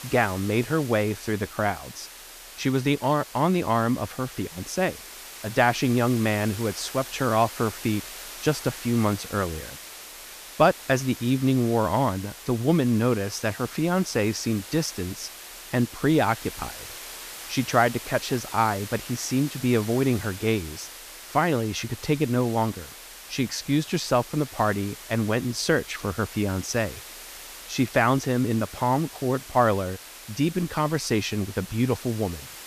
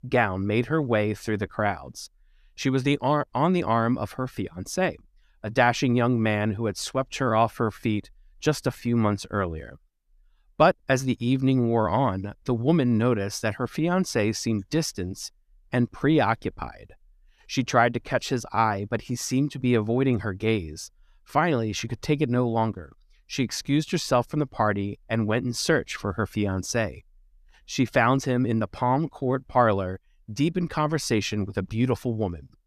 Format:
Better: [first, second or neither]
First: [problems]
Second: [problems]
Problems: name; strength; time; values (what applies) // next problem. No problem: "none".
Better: second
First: hiss; noticeable; throughout; 15 dB below the speech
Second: none